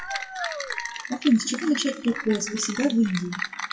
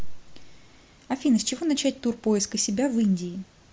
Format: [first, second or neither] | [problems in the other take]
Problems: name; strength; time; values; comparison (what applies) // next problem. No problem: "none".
second | noise reduction (classical method WPE with log-MMSE)